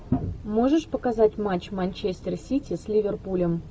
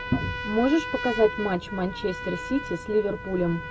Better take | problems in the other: first | background sound (Trumpet); 9 dB below the speech

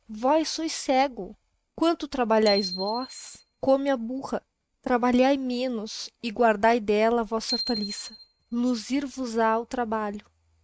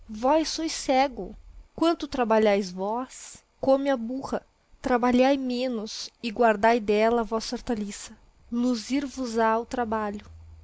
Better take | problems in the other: second | noise reduction (neural mask model RNNoise)

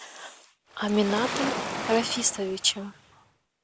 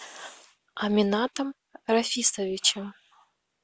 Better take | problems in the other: second | background sound (Waves, surf); 6 dB below the speech

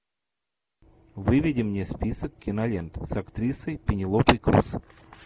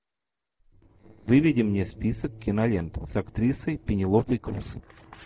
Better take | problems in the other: first | noise reduction (neural separator model SepFormer DNS4)

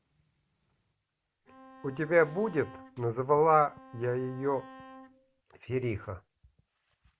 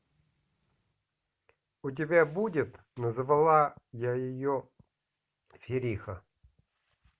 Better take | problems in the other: second | background sound (Bowed string instrument); 19 dB below the speech

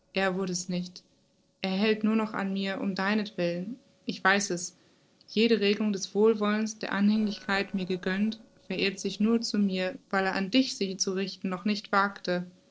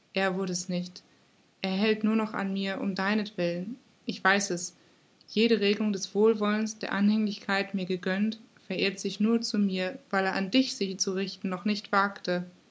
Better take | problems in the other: second | noise reduction (neural separator model SepFormer DNS4)

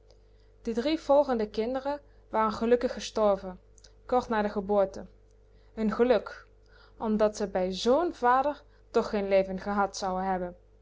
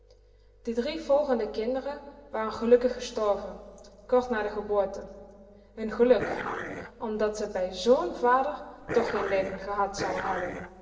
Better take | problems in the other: first | background sound (Dog); 7 dB below the speech // room echo; dies away in 2.6 s

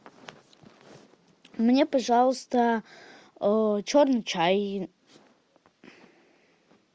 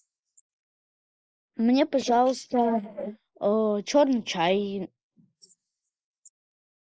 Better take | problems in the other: first | noise reduction (neural mask model Resemble Enhance denoiser)

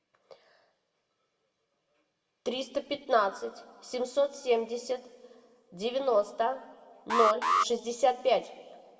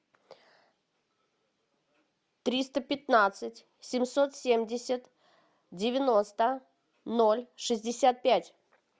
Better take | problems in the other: second | background sound (Alarm); 1 dB above the speech // room echo; dies away in 1.2 s

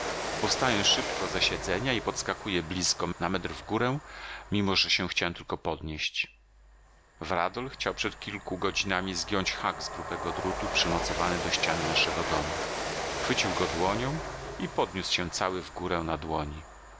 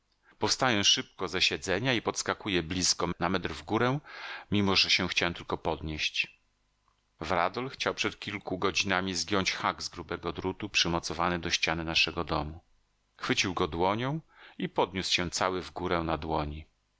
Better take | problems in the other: second | background sound (Train); 6 dB below the speech

